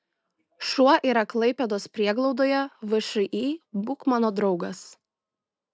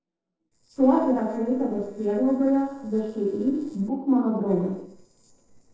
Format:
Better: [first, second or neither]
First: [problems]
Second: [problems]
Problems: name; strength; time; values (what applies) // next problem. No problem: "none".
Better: first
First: none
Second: noise reduction (neural separator model SepFormer DNS4)